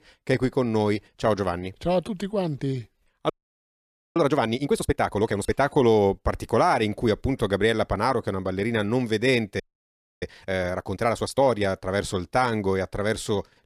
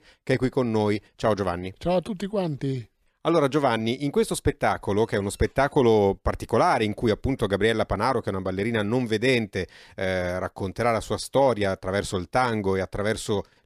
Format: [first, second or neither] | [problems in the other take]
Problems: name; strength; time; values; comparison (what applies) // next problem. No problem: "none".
second | audio freezing; at 3.5 s for 1 s and at 9.5 s for 0.5 s